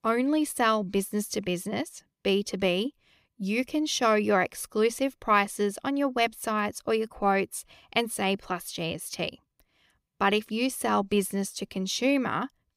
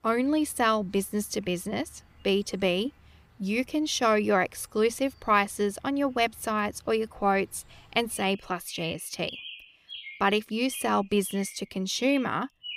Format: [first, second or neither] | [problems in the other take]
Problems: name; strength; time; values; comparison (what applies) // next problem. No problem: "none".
first | animal sounds; noticeable; throughout; 20 dB below the speech